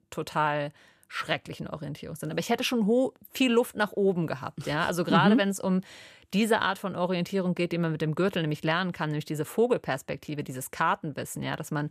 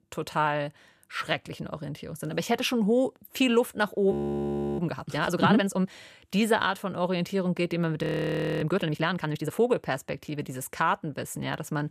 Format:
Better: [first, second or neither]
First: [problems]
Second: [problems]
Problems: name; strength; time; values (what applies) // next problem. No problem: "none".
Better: first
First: none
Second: audio freezing; at 4 s for 0.5 s and at 8 s for 0.5 s